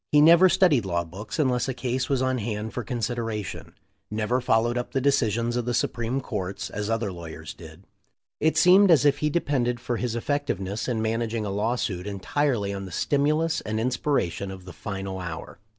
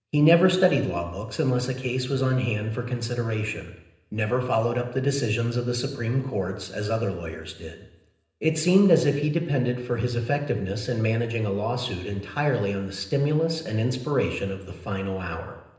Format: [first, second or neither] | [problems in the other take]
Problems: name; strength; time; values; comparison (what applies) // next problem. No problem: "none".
first | room echo; dies away in 0.9 s